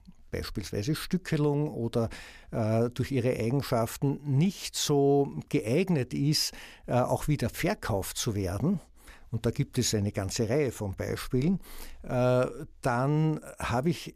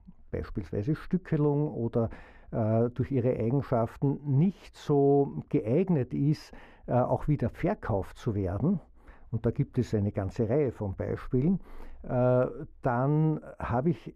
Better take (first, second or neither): first